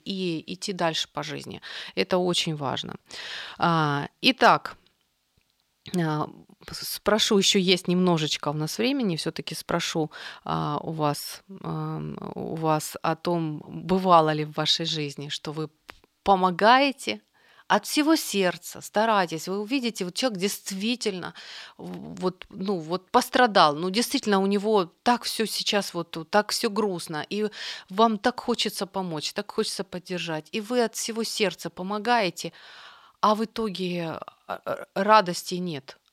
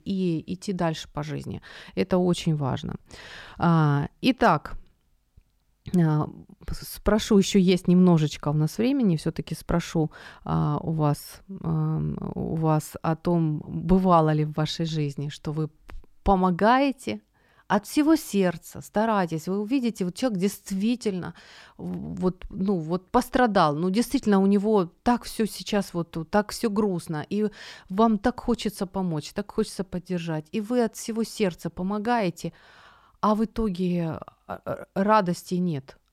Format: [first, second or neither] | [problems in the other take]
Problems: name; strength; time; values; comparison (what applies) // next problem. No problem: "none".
second | thin; very slightly; fading below 950 Hz